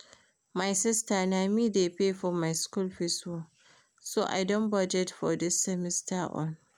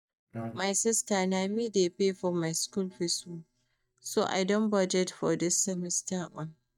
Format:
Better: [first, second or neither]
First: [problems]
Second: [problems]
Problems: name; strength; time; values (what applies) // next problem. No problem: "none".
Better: first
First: none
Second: noise reduction (neural mask model DeepFilterNet 3)